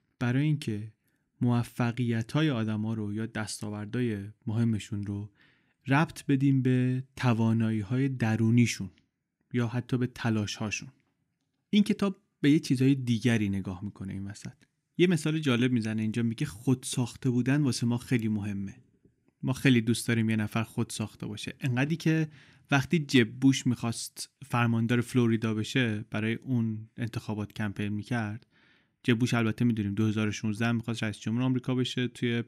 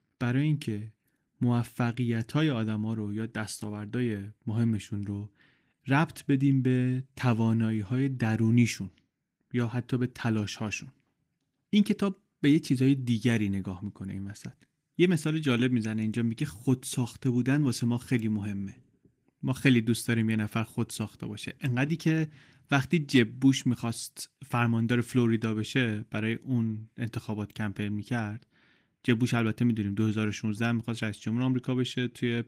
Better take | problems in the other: first | garbled, watery; slightly; nothing above 15.5 kHz

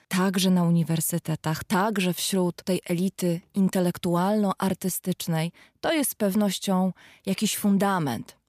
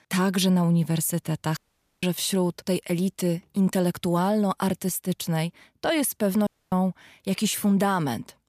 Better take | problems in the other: first | audio cutting out; at 1.5 s and at 6.5 s

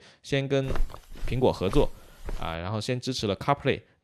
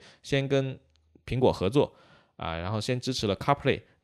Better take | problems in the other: second | footsteps; noticeable; from 0.5 to 2.5 s; peak 7 dB below the speech

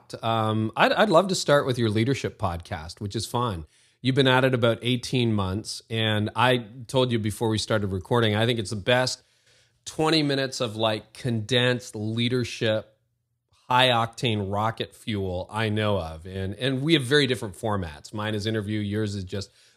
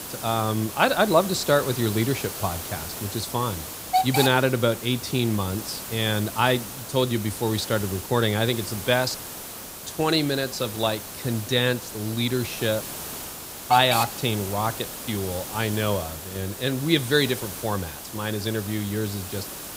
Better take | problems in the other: first | hiss; loud; throughout; 7 dB below the speech

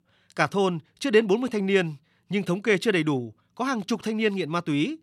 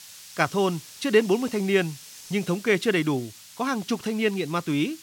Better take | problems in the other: first | hiss; noticeable; throughout; 15 dB below the speech

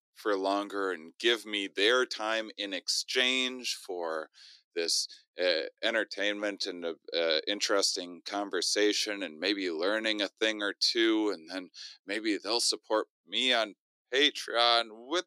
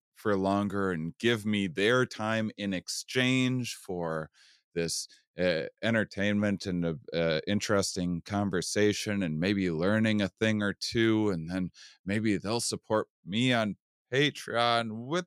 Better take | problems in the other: second | thin; somewhat; fading below 300 Hz

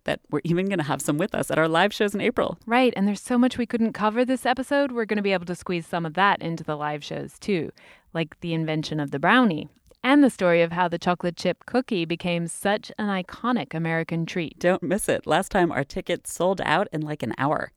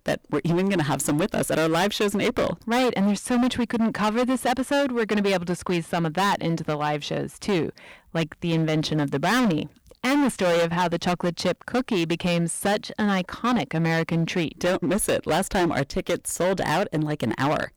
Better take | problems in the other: first | distortion; heavy; 19% of the sound clipped

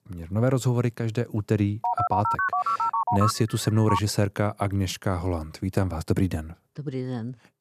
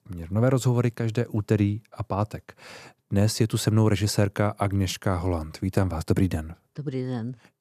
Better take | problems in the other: second | phone ringing; loud; from 2 to 4 s; peak 2 dB above the speech

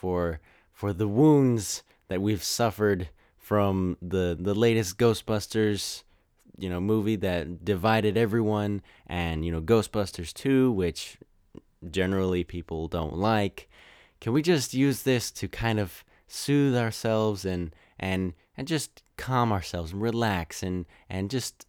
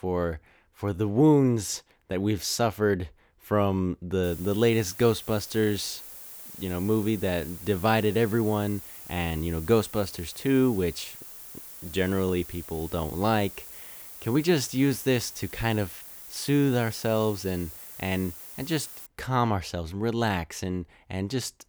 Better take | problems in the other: first | hiss; noticeable; from 4 to 19 s; 15 dB below the speech

